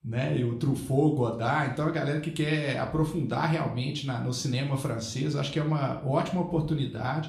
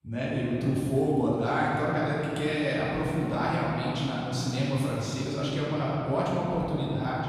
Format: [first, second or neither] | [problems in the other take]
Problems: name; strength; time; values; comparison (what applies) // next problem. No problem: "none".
first | room echo; strong; dies away in 2.5 s; slight in the first // off-mic speech; far; somewhat distant in the first